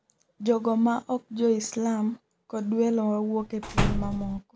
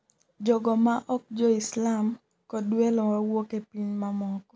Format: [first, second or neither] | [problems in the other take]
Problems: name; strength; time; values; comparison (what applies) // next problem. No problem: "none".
second | background sound (Slam); 1 dB below the speech